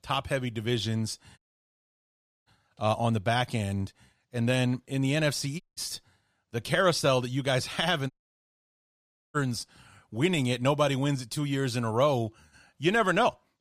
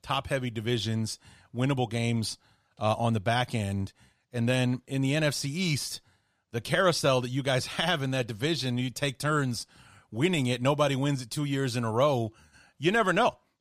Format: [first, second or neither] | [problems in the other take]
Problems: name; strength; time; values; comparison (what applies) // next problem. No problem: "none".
second | audio cutting out; at 1.5 s for 1 s, at 5.5 s and at 8 s for 1 s